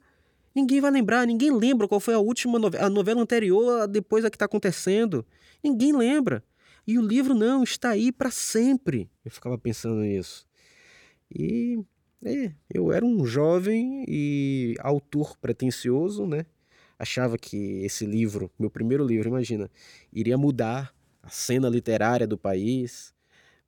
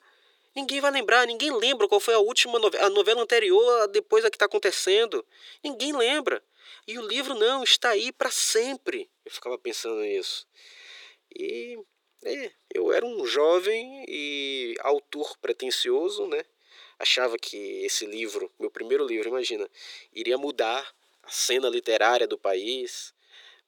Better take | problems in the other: first | thin; very; fading below 400 Hz

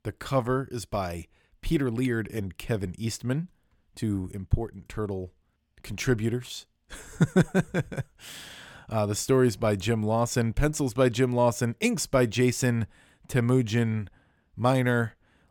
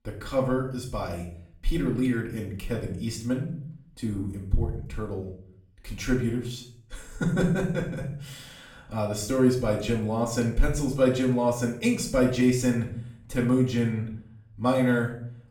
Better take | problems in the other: first | off-mic speech; far // room echo; slight; dies away in 0.5 s

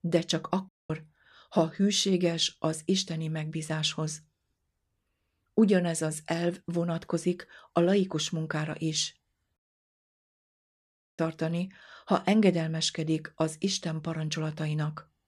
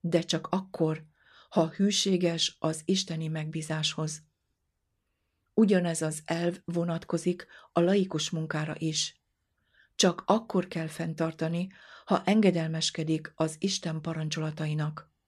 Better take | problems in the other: second | audio cutting out; at 0.5 s and at 9.5 s for 1.5 s

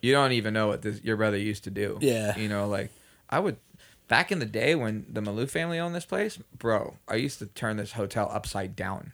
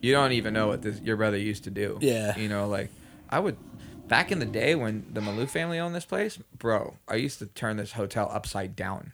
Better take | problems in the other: first | household noises; noticeable; until 5.5 s; 15 dB below the speech

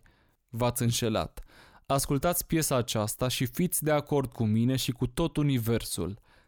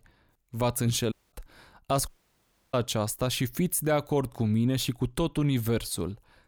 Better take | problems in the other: first | audio cutting out; at 1 s and at 2 s for 0.5 s

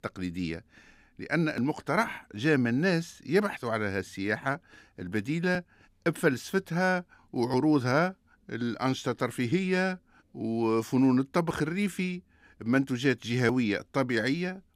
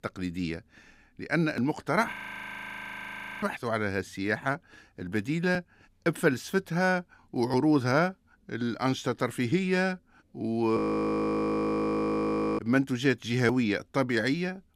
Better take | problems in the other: first | audio freezing; at 2 s for 1.5 s and at 11 s for 2 s

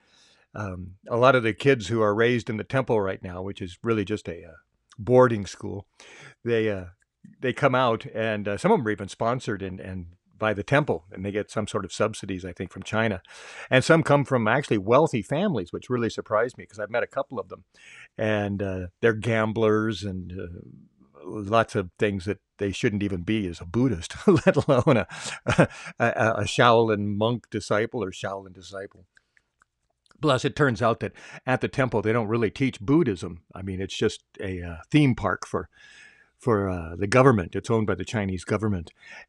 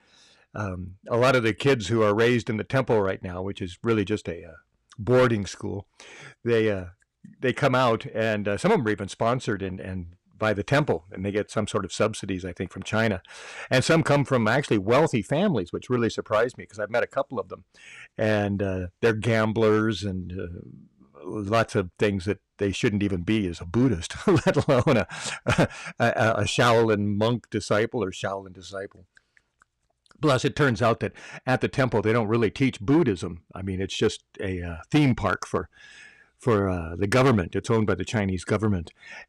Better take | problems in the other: first | distortion; slight; 4% of the sound clipped

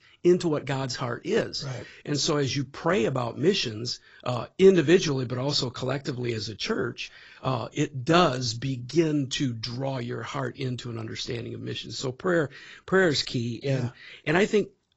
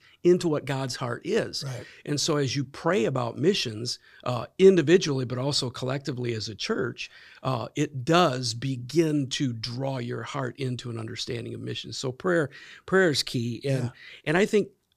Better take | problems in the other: second | garbled, watery; badly; nothing above 7.5 kHz

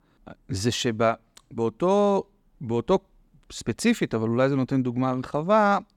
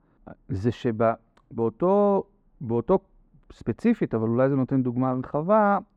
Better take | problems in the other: first | muffled; very; fading above 2.5 kHz

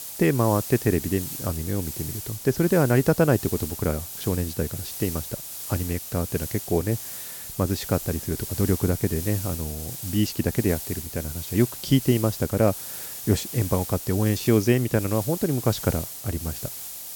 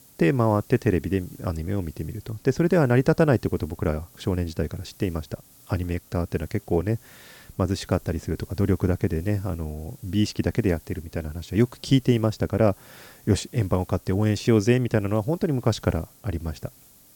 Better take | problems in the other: second | hiss; loud; throughout; 8 dB below the speech; faint in the second

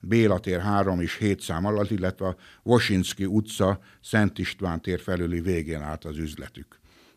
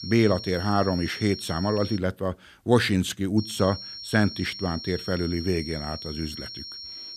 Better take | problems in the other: first | high-pitched whine; loud; until 2 s and from 3.5 s on; 5.5 kHz, 10 dB below the speech

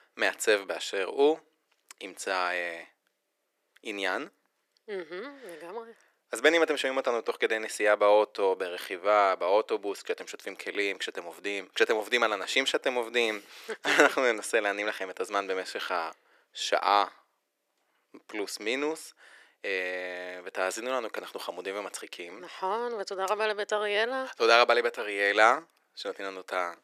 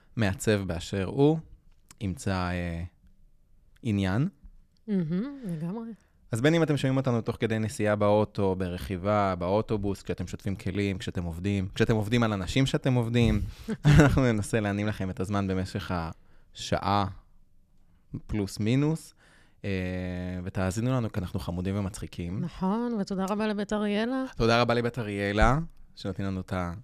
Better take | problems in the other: second | thin; very; fading below 350 Hz

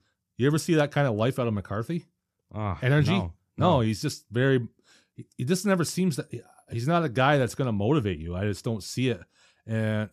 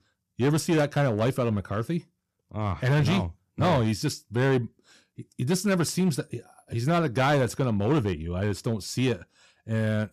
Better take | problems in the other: first | distortion; slight; 7% of the sound clipped

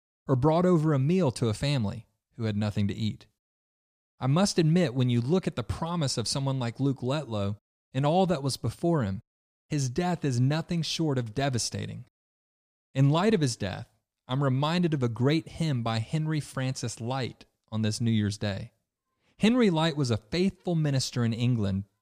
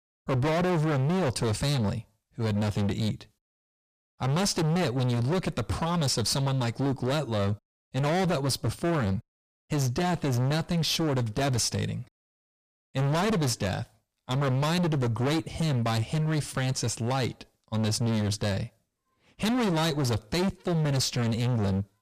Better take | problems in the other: first | distortion; heavy; 30% of the sound clipped

